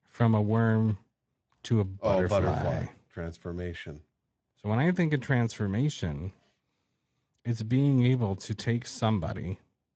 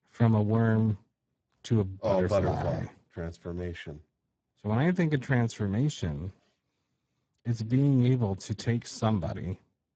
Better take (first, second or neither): first